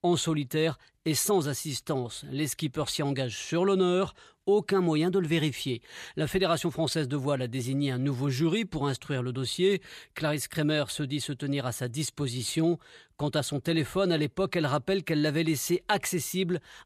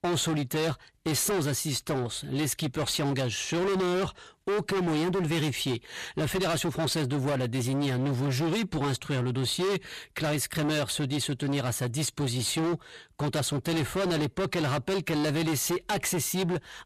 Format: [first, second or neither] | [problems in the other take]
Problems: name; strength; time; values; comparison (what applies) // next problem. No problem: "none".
first | distortion; heavy; 29% of the sound clipped